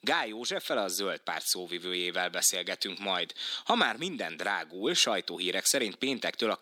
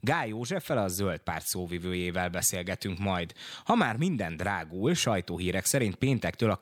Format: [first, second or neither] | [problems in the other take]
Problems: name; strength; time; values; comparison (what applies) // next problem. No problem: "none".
second | thin; somewhat; fading below 250 Hz